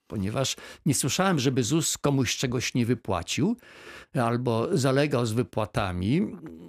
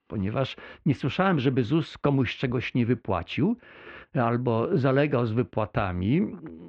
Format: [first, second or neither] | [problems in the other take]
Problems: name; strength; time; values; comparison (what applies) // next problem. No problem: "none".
first | muffled; very; fading above 3 kHz